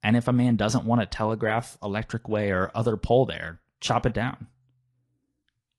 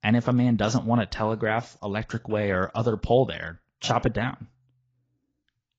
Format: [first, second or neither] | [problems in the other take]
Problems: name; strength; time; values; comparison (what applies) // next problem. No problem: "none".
first | garbled, watery; badly; slightly in the first